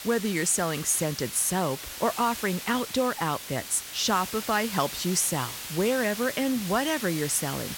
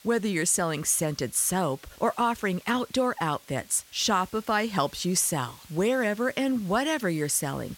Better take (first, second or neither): second